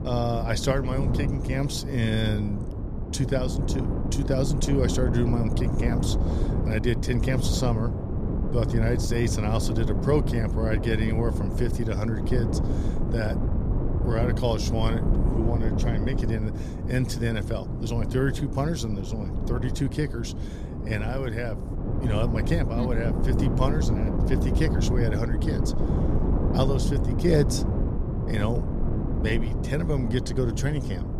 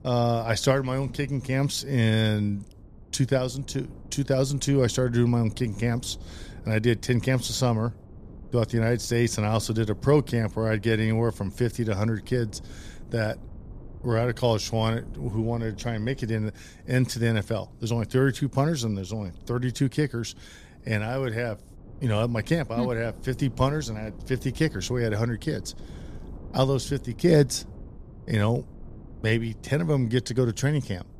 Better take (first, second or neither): second